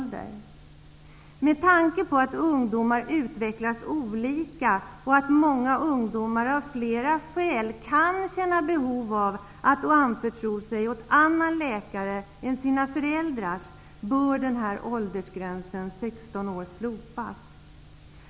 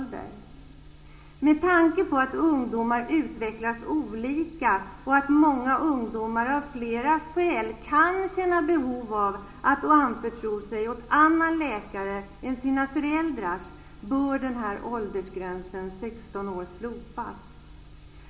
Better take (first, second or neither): first